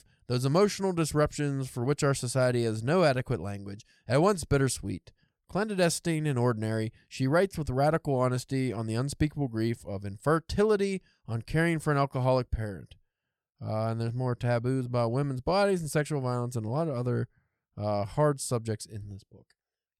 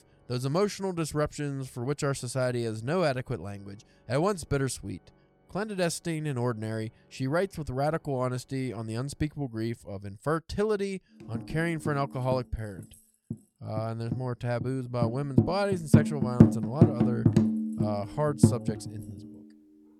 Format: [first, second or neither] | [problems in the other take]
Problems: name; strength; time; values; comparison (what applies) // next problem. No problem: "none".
first | background music; very loud; throughout; 4 dB above the speech